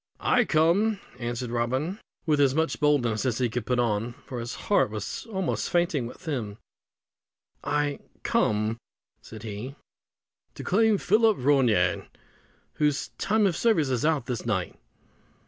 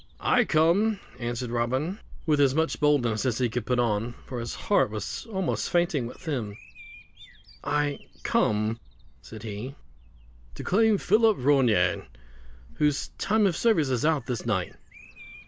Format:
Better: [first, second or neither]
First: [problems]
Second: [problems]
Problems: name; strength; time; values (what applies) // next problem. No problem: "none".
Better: first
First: none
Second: background sound (Bird vocalization, bird call, bird song); 18 dB below the speech